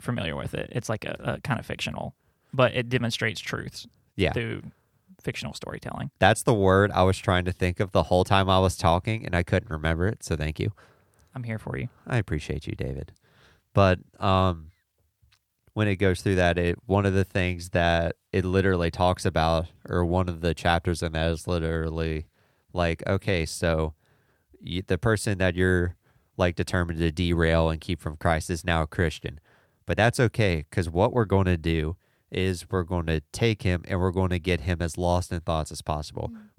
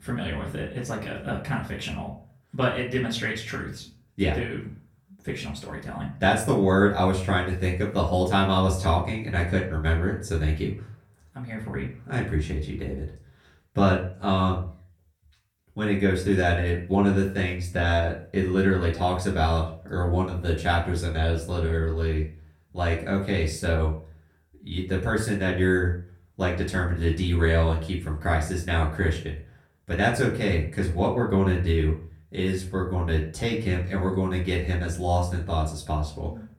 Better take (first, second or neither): first